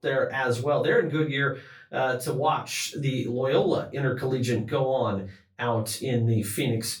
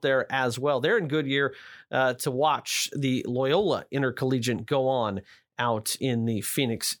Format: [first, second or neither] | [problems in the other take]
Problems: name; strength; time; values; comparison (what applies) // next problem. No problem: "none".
second | off-mic speech; far // room echo; very slight; dies away in 0.3 s